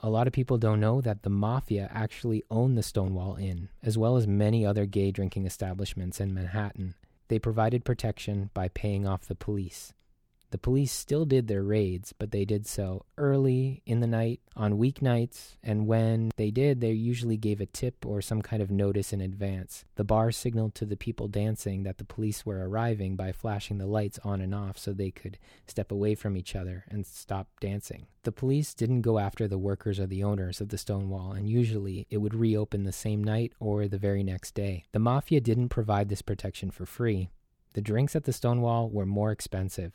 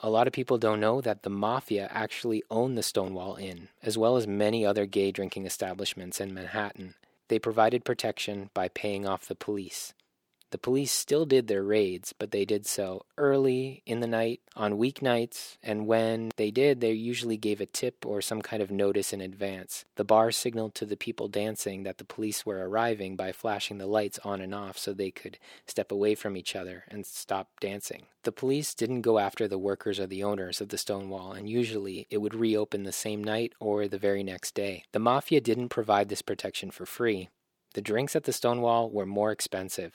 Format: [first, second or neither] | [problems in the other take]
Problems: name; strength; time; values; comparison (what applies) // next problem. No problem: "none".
first | thin; somewhat; fading below 350 Hz